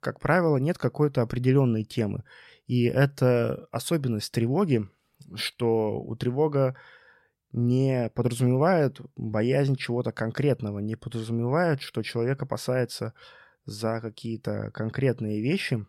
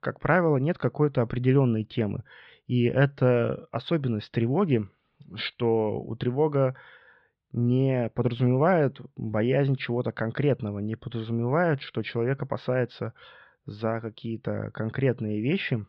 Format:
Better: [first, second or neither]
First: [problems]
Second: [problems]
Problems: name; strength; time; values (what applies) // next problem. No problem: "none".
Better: first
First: none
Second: muffled; slightly; fading above 3.5 kHz